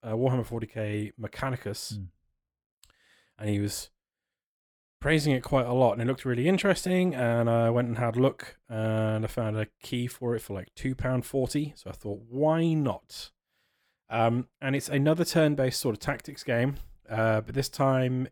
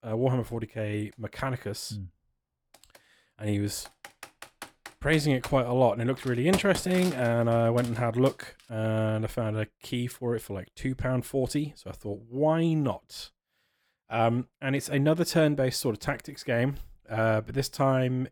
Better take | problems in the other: first | keyboard typing; noticeable; from 4 to 8.5 s; peak 5 dB below the speech

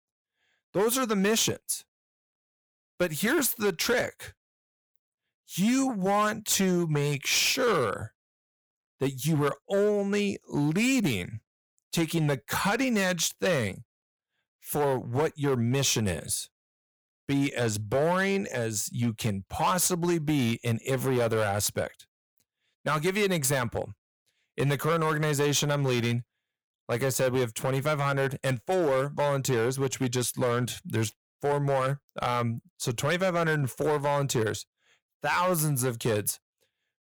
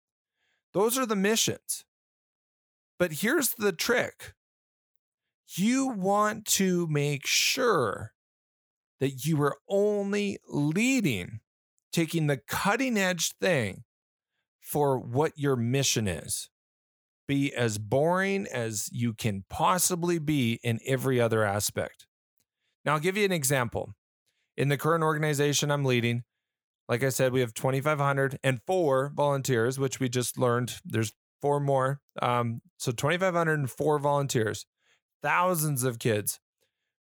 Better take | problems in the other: second | distortion; slight; 7% of the sound clipped

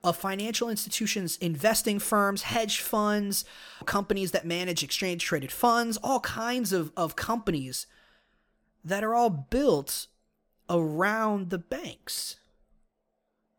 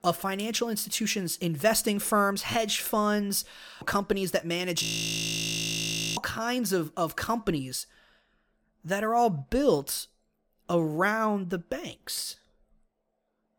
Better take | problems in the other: first | audio freezing; at 5 s for 1.5 s

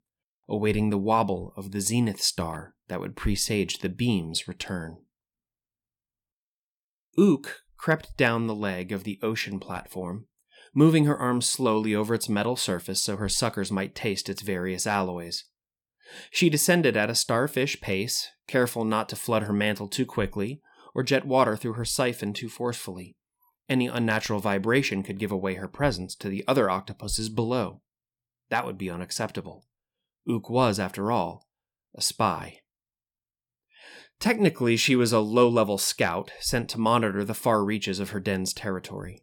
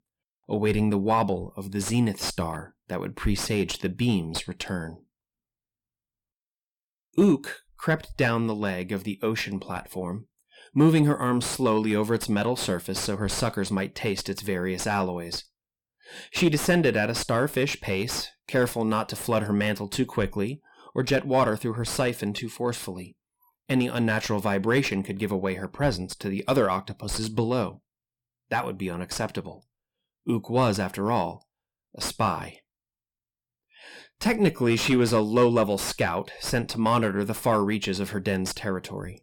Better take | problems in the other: first | distortion; slight; 10 dB below the speech

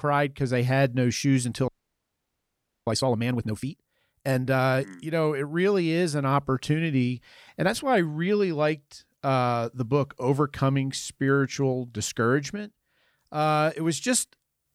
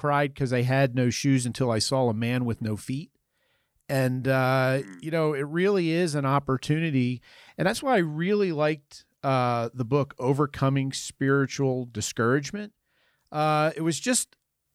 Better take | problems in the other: second | audio freezing; at 1.5 s for 1 s

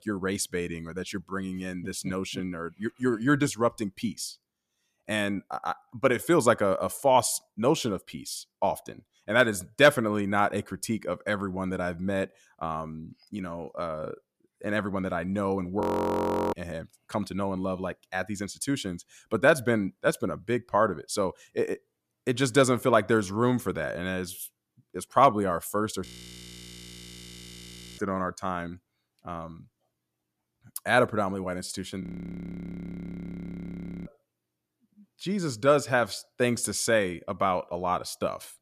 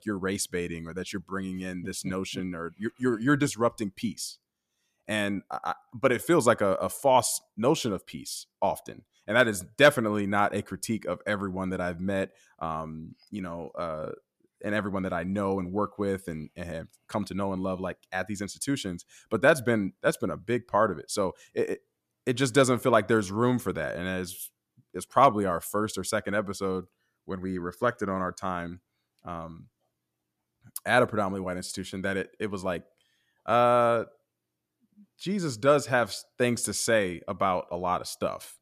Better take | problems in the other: second | audio freezing; at 16 s for 0.5 s, at 26 s for 2 s and at 32 s for 2 s

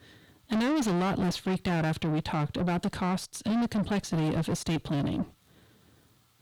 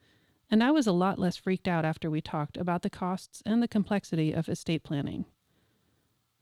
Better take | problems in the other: second | distortion; heavy; 6 dB below the speech

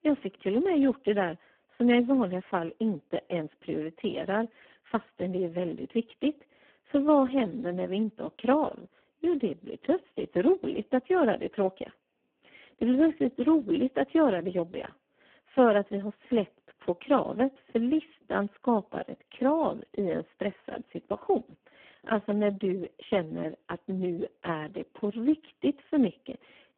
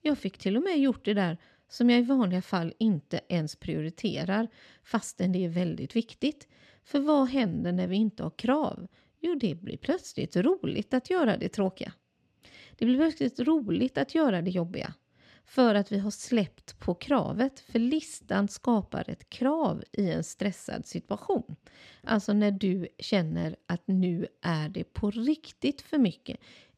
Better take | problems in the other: second | phone-call audio; poor line

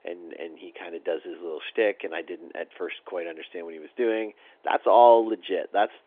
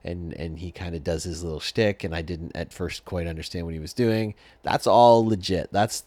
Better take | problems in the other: second | phone-call audio; nothing above 3.5 kHz

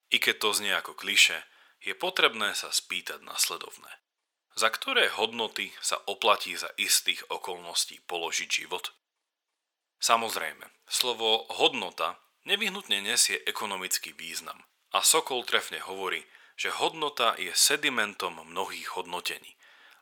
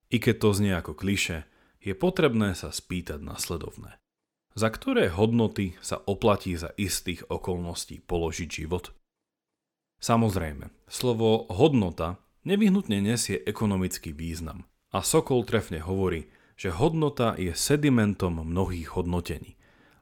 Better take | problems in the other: second | thin; very; fading below 900 Hz

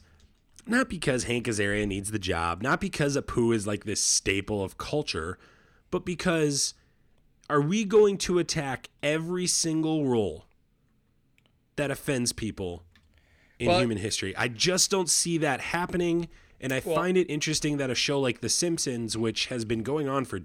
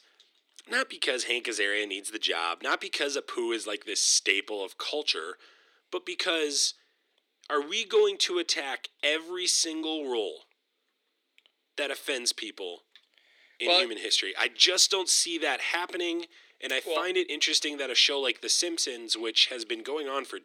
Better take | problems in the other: first | thin; very; fading below 350 Hz

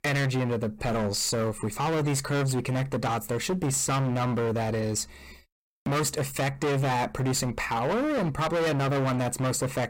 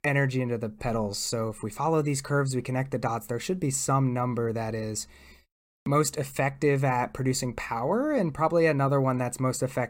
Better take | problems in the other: second | distortion; heavy; 29% of the sound clipped

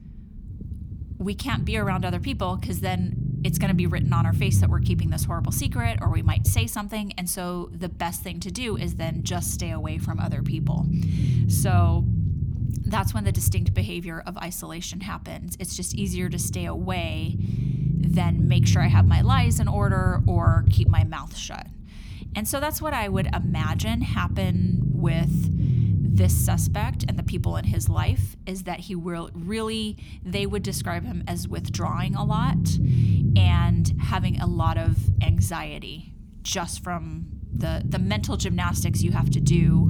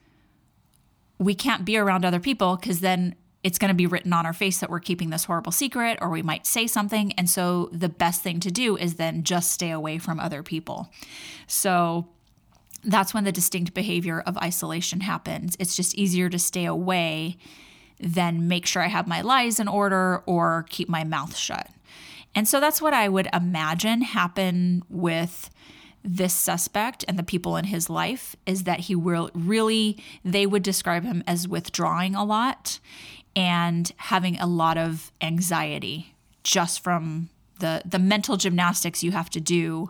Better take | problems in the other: second | low rumble; loud; throughout; 5 dB below the speech

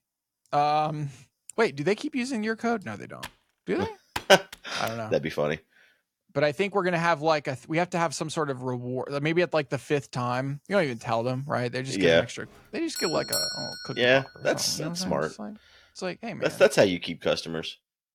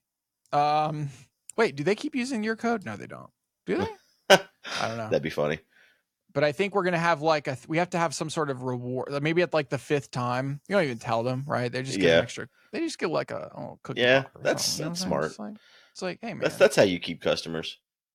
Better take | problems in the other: second | keyboard typing; faint; from 3 to 5 s; peak 10 dB below the speech // doorbell; noticeable; at 13 s; peak level with the speech

